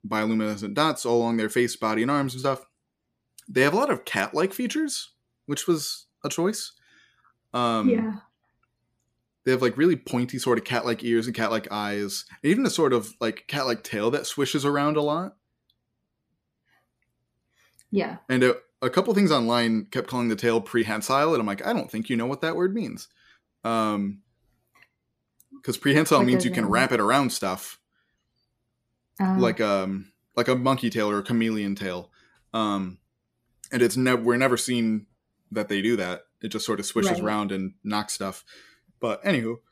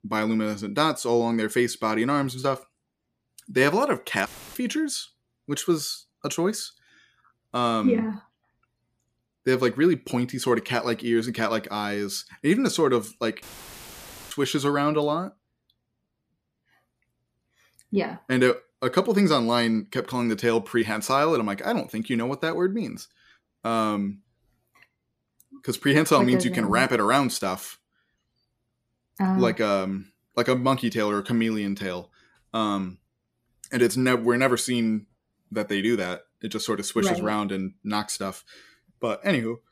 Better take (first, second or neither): first